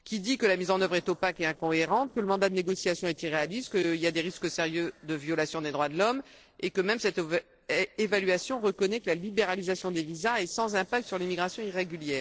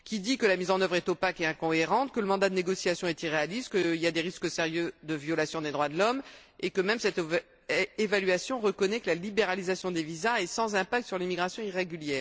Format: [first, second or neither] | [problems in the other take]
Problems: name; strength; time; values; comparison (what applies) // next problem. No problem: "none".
second | noise reduction (neural separator model SepFormer DNS4)